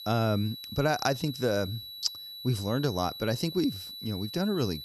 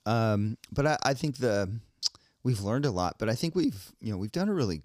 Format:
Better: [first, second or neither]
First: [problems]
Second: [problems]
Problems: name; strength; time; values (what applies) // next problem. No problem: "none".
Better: second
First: high-pitched whine; loud; throughout; 4 kHz, 9 dB below the speech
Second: none